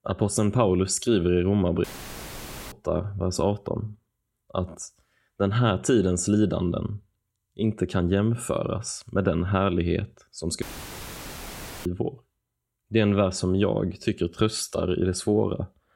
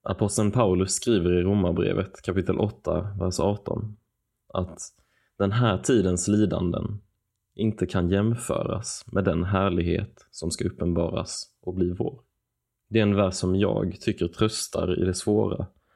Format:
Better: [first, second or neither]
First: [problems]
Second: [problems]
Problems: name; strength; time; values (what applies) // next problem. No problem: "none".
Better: second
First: audio cutting out; filled with static; at 2 s for 1 s and at 11 s for 1 s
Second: none